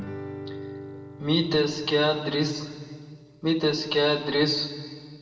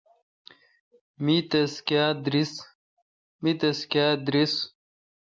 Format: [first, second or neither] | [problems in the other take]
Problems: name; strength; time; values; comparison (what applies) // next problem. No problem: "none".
second | background sound (Guitar); 15 dB below the speech // room echo; dies away in 1.8 s